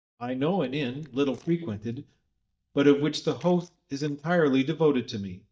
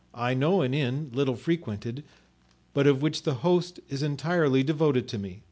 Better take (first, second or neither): second